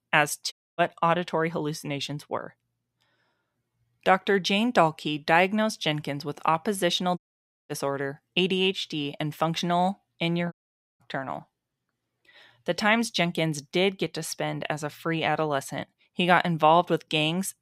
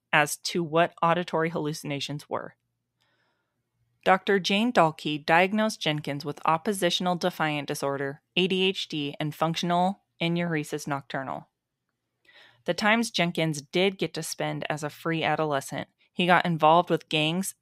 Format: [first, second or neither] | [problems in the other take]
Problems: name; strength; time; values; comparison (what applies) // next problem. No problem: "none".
second | audio cutting out; at 0.5 s, at 7 s for 0.5 s and at 11 s